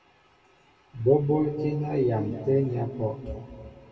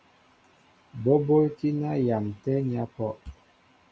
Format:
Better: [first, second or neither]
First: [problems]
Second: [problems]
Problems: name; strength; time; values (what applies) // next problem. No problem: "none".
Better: second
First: room echo; dies away in 2.5 s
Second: none